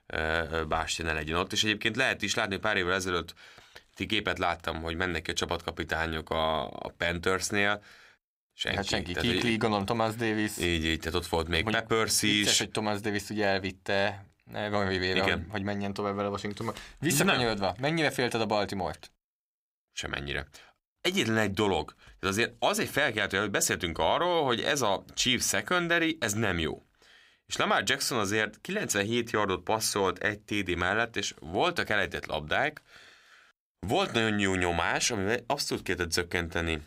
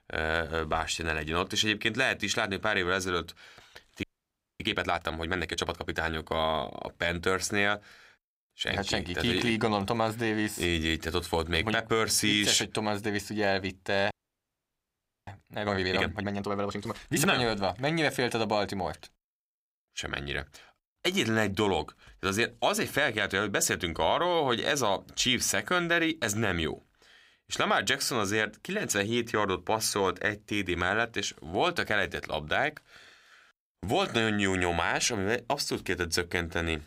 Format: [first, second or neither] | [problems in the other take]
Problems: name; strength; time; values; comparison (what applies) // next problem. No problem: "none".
first | audio freezing; at 4 s for 0.5 s and at 14 s for 1 s